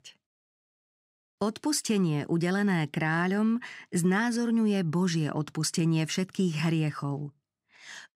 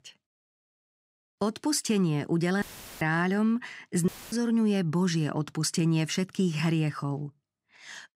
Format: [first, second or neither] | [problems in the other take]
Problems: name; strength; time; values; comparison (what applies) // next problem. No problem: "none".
first | audio cutting out; filled with static; at 2.5 s and at 4 s